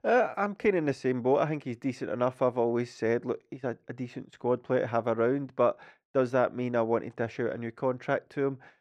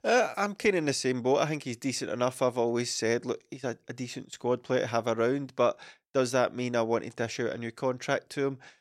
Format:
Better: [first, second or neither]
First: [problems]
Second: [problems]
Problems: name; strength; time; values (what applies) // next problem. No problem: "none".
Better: second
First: muffled; very; fading above 3 kHz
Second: none